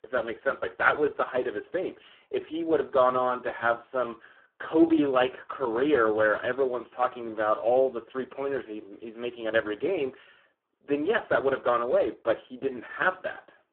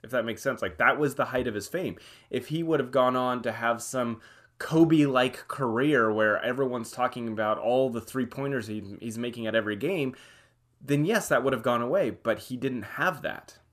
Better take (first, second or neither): second